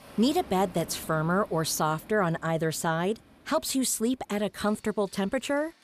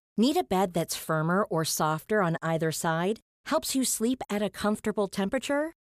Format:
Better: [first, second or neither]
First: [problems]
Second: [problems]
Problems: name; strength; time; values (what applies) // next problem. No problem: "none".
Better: second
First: rain or running water; faint; throughout; 20 dB below the speech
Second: none